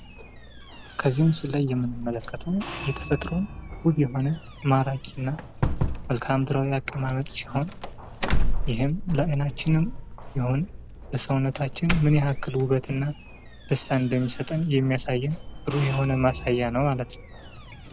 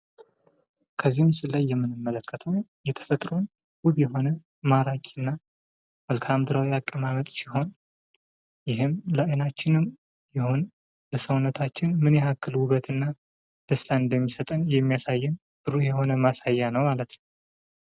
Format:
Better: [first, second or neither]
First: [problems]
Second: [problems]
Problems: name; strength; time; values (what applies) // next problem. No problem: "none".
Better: second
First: background sound (Doorbell); 5 dB below the speech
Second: none